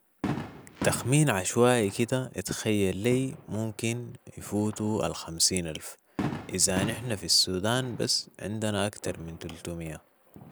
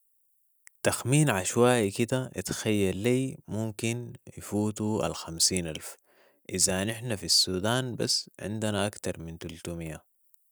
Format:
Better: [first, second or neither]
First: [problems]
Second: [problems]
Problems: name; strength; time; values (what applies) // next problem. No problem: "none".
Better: second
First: background sound (Fireworks); 12 dB below the speech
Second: none